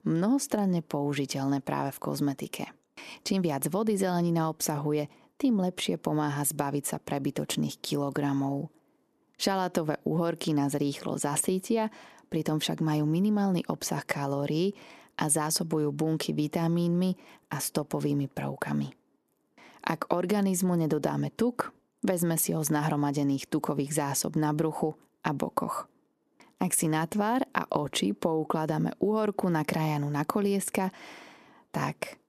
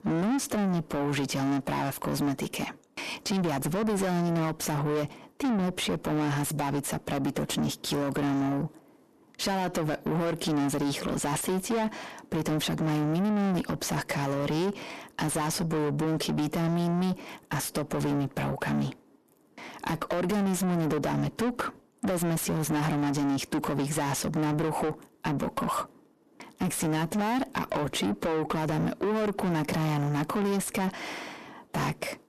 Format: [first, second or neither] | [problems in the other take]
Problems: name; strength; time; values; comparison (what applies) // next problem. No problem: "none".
first | distortion; heavy; 6 dB below the speech